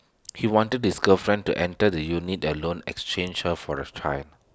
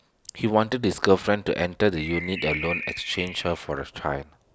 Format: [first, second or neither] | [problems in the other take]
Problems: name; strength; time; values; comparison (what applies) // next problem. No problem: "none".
first | background sound (Bird); 8 dB below the speech